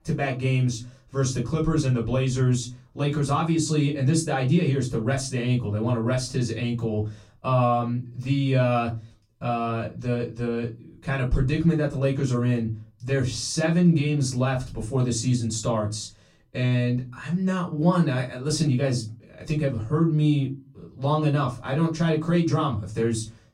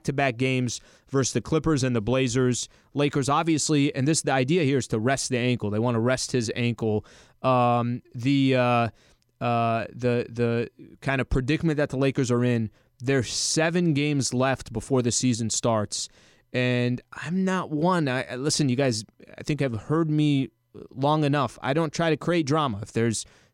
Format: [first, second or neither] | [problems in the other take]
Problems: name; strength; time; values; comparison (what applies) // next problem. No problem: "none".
second | off-mic speech; far // room echo; very slight; dies away in 0.3 s